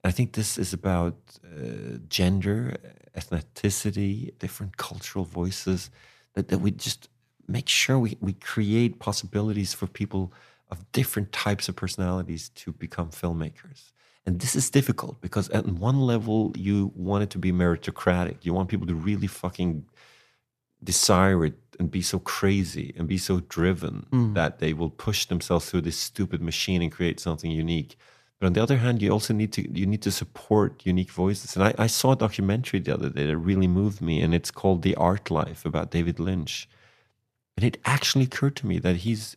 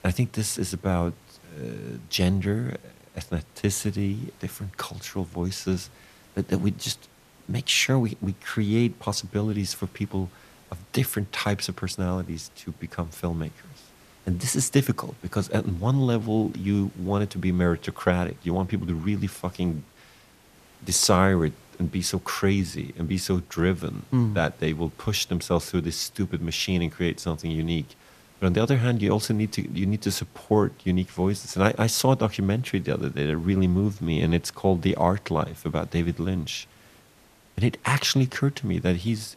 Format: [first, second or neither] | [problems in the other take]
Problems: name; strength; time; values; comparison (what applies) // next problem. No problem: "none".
first | hiss; faint; throughout; 30 dB below the speech